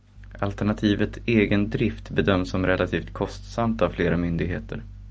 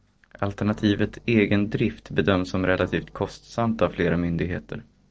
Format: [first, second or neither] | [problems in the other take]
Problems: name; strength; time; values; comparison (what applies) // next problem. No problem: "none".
first | noise reduction (neural separator model SepFormer DNS4)